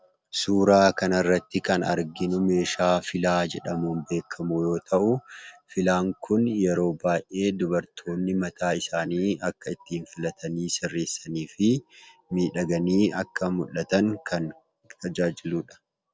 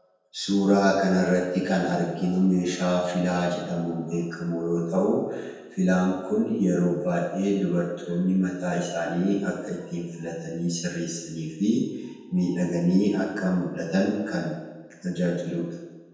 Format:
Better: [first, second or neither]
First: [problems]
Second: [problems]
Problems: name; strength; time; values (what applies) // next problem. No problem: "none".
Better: first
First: none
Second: room echo; dies away in 1.1 s